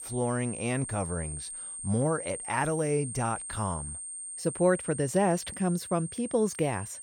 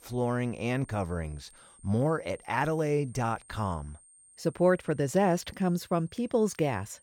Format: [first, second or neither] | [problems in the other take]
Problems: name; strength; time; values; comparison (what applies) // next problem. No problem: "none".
second | high-pitched whine; loud; throughout; 8.5 kHz, 7 dB below the speech; faint in the second